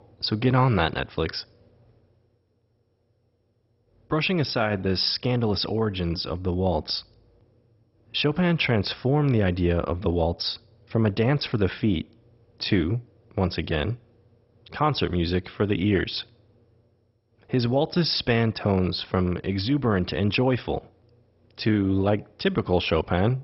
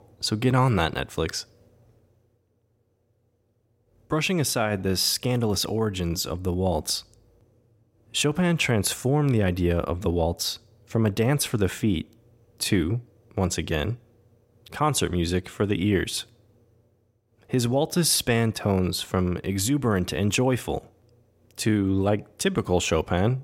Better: second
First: garbled, watery; badly; nothing above 5.5 kHz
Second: none

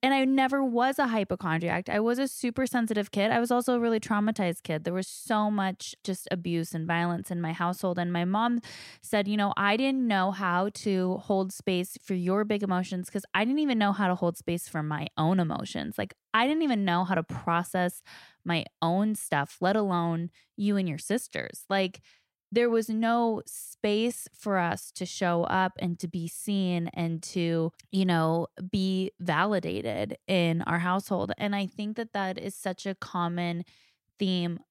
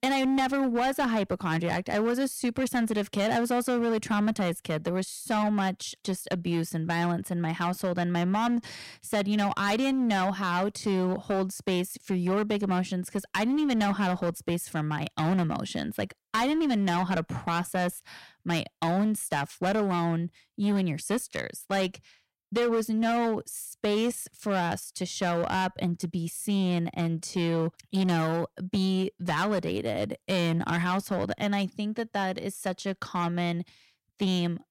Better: first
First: none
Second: distortion; slight; 13% of the sound clipped

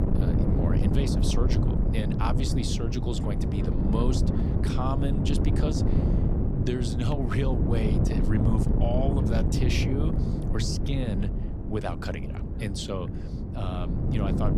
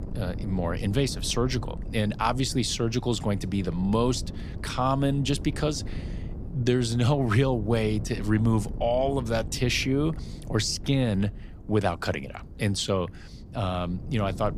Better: second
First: wind noise on the microphone; heavy; 1 dB below the speech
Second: wind noise on the microphone; occasional gusts; 20 dB below the speech

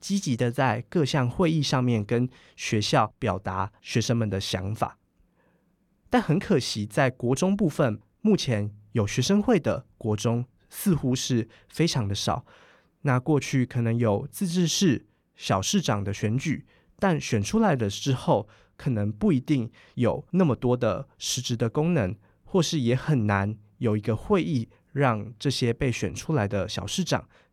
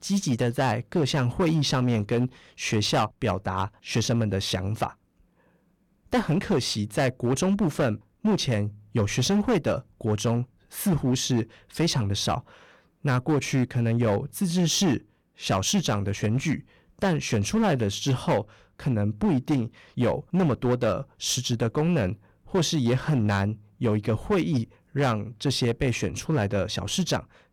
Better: first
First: none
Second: distortion; slight; 8% of the sound clipped

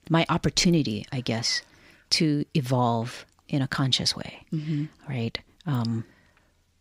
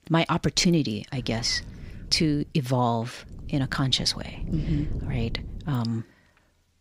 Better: first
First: none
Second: wind noise on the microphone; occasional gusts; from 1 to 2.5 s and from 3.5 to 5.5 s; 20 dB below the speech

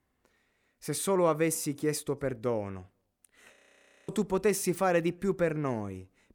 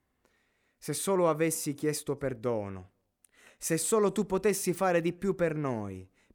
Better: second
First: audio freezing; at 3.5 s for 0.5 s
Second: none

